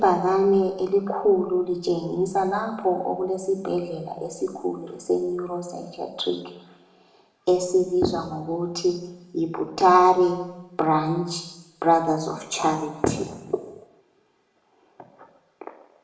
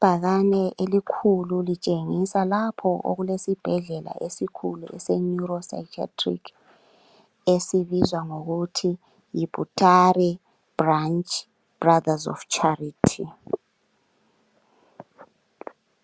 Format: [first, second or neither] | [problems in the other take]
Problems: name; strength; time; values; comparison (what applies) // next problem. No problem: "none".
second | room echo; dies away in 1 s